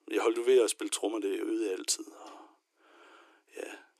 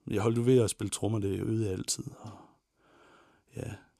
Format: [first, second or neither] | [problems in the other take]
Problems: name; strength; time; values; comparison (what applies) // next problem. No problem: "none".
second | thin; very; fading below 300 Hz